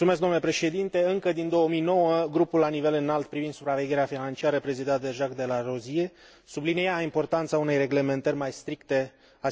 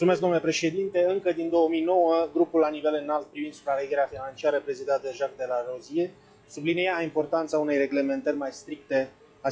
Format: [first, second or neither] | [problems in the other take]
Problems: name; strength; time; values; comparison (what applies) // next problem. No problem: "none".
first | noise reduction (classical method log-MMSE)